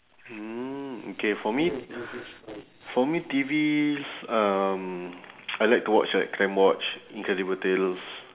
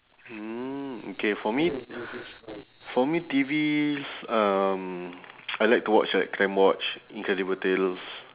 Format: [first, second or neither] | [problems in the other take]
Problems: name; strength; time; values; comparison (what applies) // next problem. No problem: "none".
second | room echo; dies away in 2.2 s